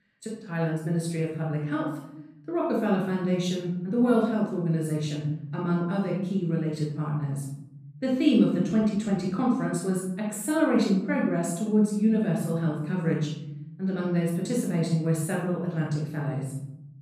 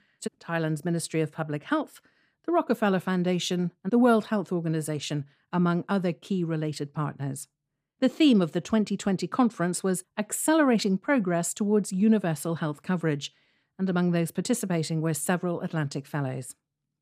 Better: second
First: off-mic speech; far // room echo; noticeable; dies away in 1 s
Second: none

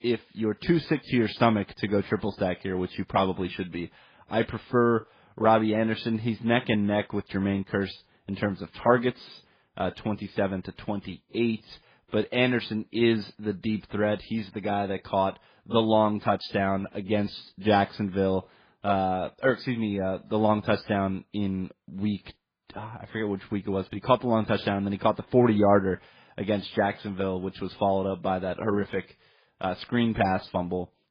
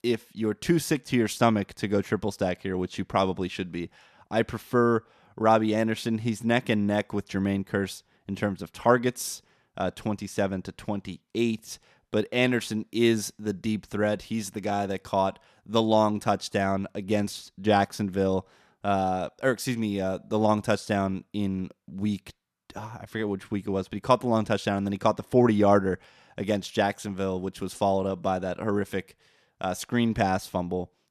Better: second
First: garbled, watery; badly; nothing above 5 kHz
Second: none

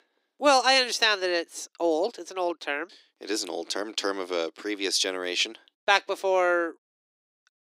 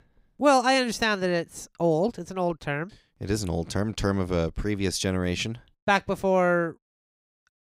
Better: second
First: thin; somewhat; fading below 300 Hz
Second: none

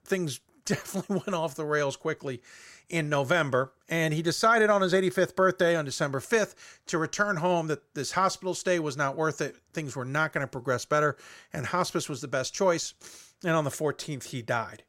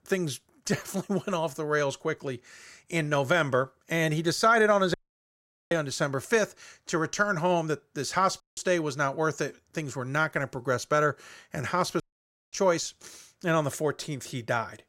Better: first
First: none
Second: audio cutting out; at 5 s for 1 s, at 8.5 s and at 12 s for 0.5 s

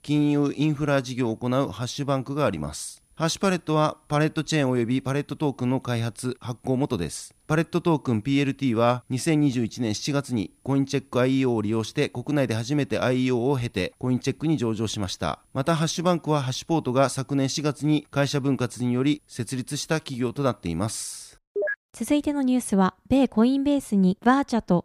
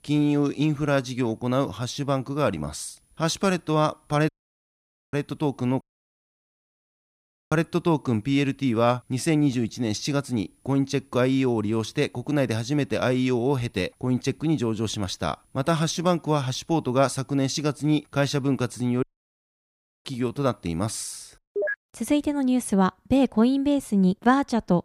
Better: first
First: none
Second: audio cutting out; at 4.5 s for 1 s, at 6 s for 1.5 s and at 19 s for 1 s

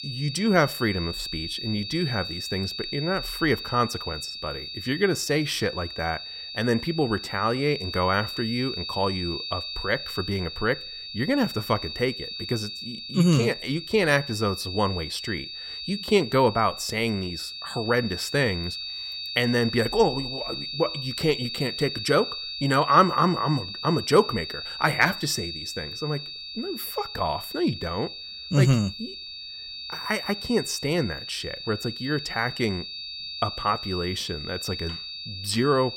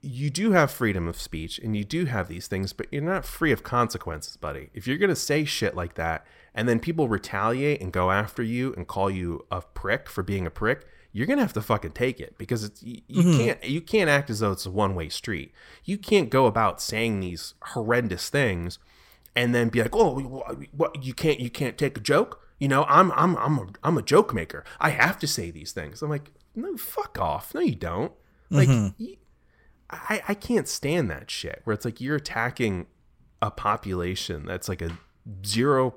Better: second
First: high-pitched whine; loud; throughout; 4.5 kHz, 7 dB below the speech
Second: none

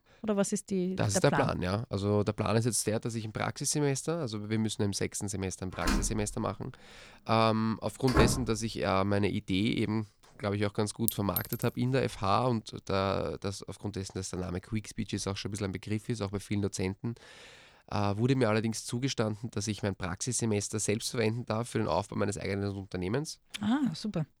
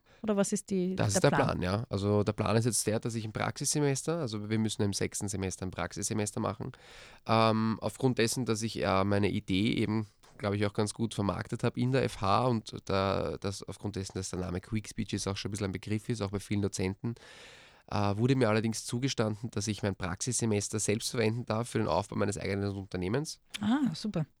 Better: second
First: door banging; loud; from 6 to 8.5 s; peak 3 dB above the speech // clattering dishes; noticeable; at 11 s; peak 1 dB below the speech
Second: none

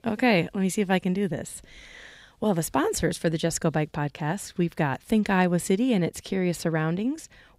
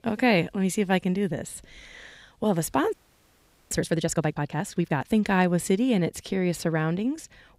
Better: first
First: none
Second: audio freezing; at 3 s for 1 s

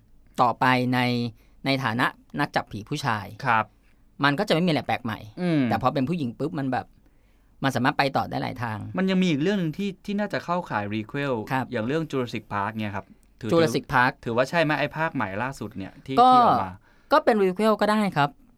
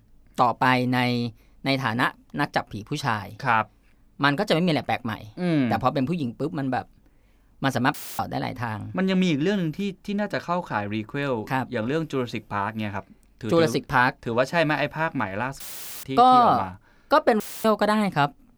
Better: first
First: none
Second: audio cutting out; filled with static; at 8 s, at 16 s and at 17 s

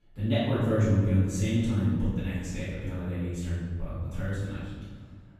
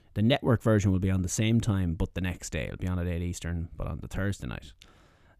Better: second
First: room echo; strong; dies away in 1.5 s // off-mic speech; far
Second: none

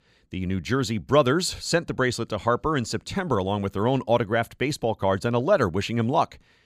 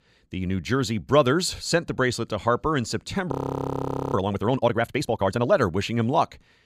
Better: first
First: none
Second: audio freezing; at 3.5 s for 1 s

